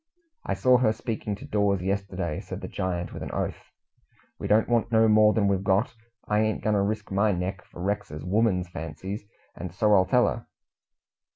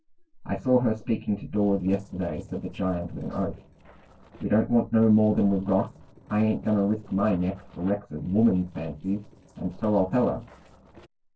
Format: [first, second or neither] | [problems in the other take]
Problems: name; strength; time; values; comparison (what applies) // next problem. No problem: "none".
first | noise reduction (neural separator model SepFormer DNS4)